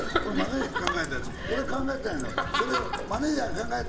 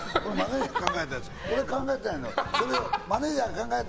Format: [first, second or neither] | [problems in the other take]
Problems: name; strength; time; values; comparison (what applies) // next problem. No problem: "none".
second | background sound (Rain); 13 dB below the speech // room echo; dies away in 1.5 s